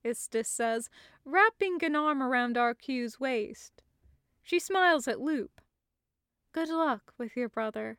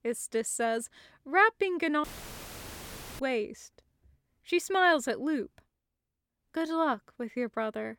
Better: first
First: none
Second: audio cutting out; filled with static; at 2 s for 1 s

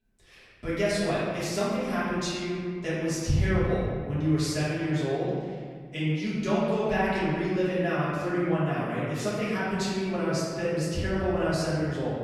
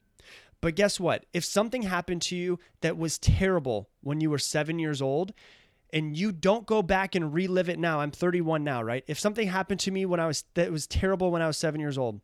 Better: second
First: room echo; strong; dies away in 1.8 s // off-mic speech; far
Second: none

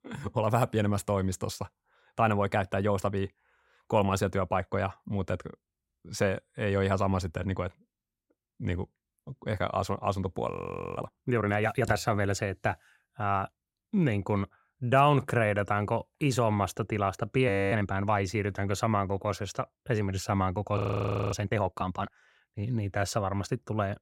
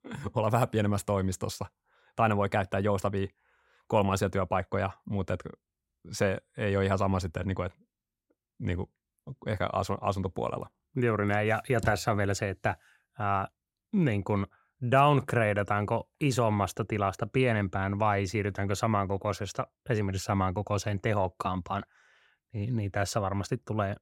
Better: second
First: audio freezing; at 11 s, at 17 s and at 21 s for 0.5 s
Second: none

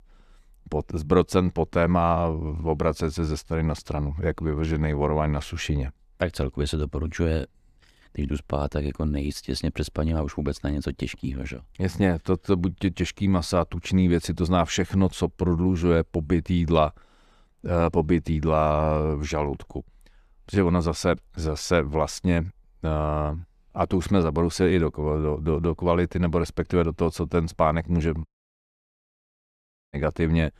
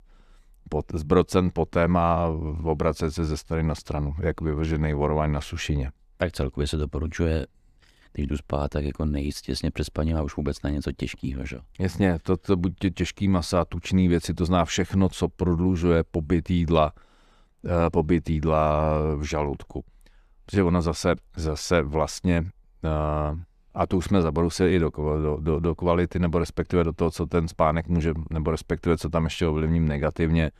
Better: second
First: audio cutting out; at 28 s for 1.5 s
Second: none

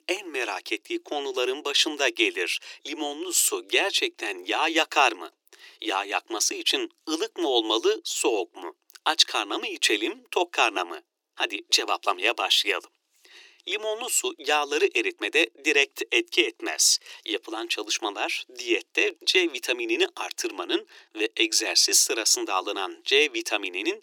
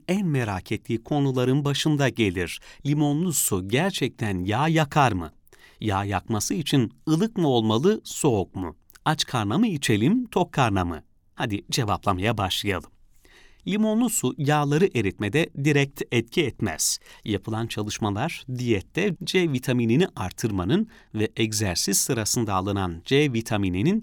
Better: second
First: thin; very; fading below 350 Hz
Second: none

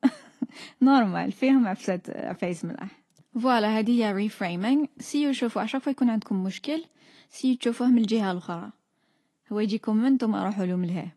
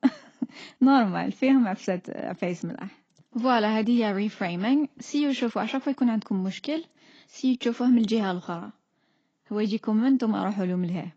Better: first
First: garbled, watery; slightly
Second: garbled, watery; badly; nothing above 7.5 kHz

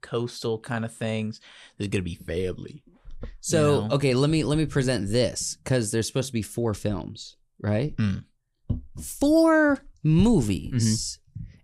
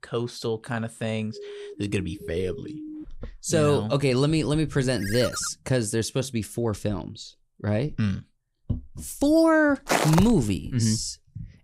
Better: first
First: none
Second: siren; faint; from 1.5 to 3 s; peak 15 dB below the speech // phone ringing; noticeable; at 5 s; peak 8 dB below the speech // footsteps; loud; at 10 s; peak 1 dB above the speech

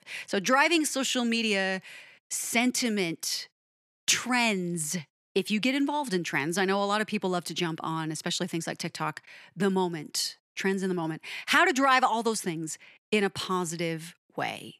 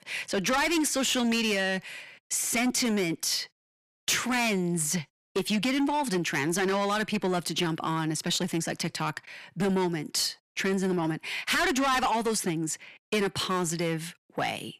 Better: first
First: none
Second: distortion; heavy; 6 dB below the speech

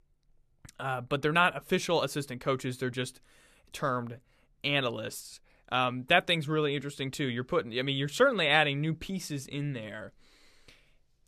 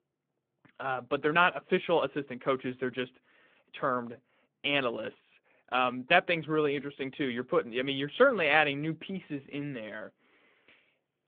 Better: first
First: none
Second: phone-call audio

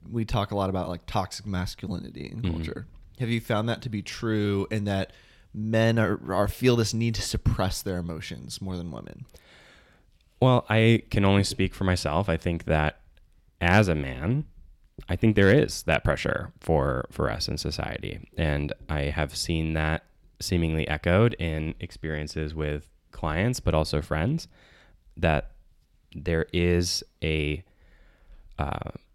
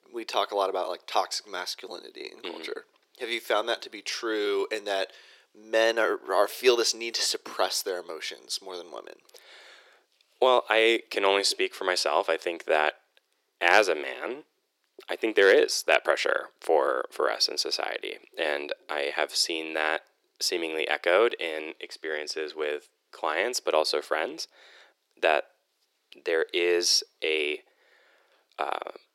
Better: first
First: none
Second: thin; very; fading below 350 Hz

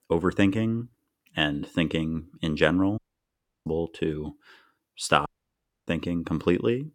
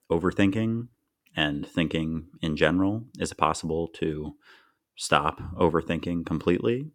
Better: second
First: audio cutting out; at 3 s for 0.5 s and at 5.5 s for 0.5 s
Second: none

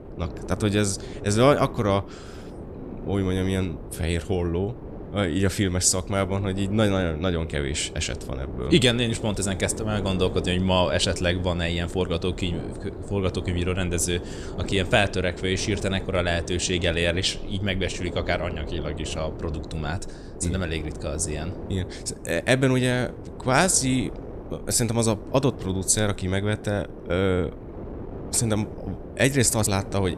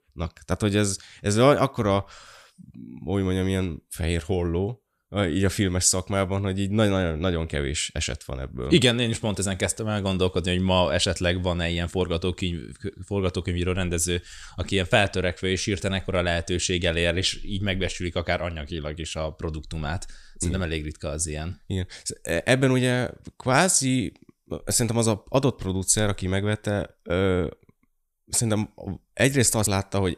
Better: second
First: wind noise on the microphone; occasional gusts; 15 dB below the speech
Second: none

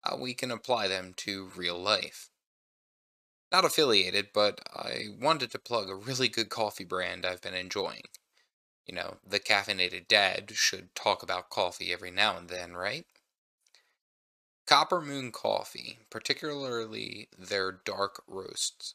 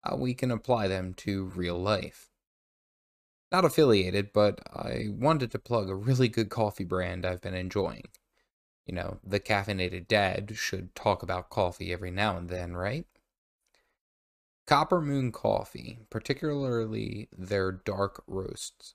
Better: second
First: thin; somewhat; fading below 800 Hz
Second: none

